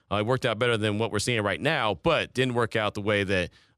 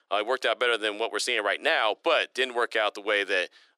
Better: first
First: none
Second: thin; very; fading below 350 Hz

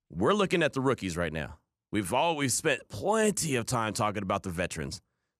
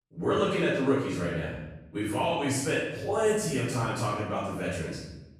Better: first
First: none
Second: room echo; strong; dies away in 0.9 s // off-mic speech; far

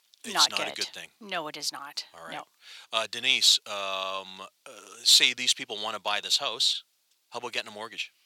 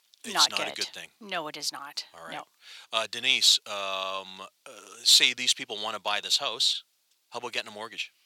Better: neither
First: thin; very; fading below 1 kHz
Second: thin; very; fading below 1 kHz

